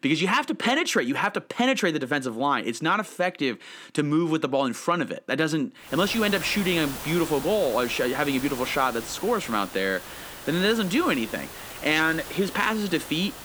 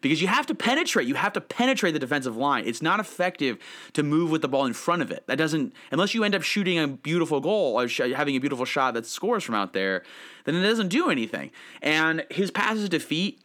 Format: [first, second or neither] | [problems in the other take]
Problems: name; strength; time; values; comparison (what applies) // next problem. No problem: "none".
second | hiss; noticeable; from 6 s on; 10 dB below the speech